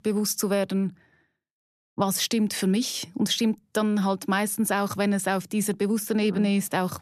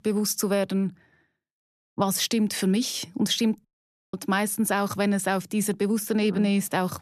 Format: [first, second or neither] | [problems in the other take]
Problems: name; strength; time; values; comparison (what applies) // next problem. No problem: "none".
first | audio cutting out; at 3.5 s